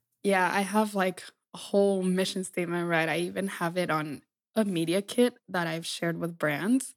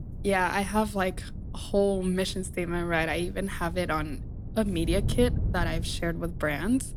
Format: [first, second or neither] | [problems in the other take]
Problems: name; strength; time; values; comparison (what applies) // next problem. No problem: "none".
first | wind noise on the microphone; occasional gusts; 20 dB below the speech